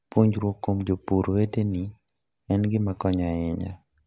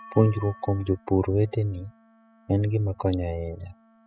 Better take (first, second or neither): first